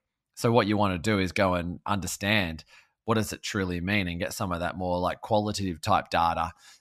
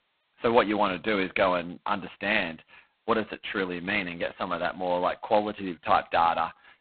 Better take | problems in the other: first | phone-call audio; poor line; nothing above 4 kHz

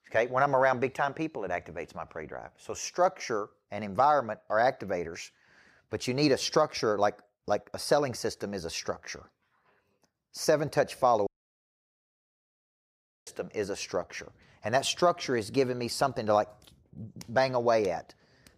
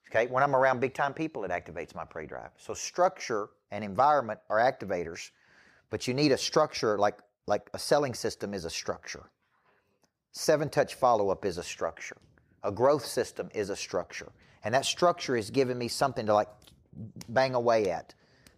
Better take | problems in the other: second | audio cutting out; at 11 s for 2 s

